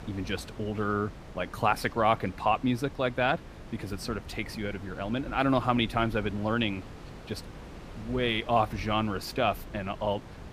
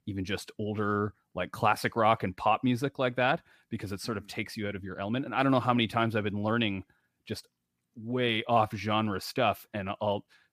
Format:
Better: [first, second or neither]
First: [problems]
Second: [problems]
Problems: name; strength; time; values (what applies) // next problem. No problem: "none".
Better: second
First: wind noise on the microphone; occasional gusts; 20 dB below the speech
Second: none